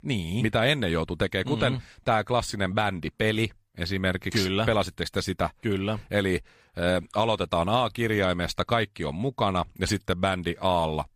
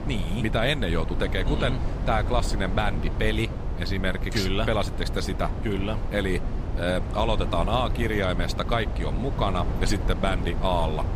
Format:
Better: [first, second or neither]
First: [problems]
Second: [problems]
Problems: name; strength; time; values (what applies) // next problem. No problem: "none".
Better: first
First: none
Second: low rumble; noticeable; throughout; 10 dB below the speech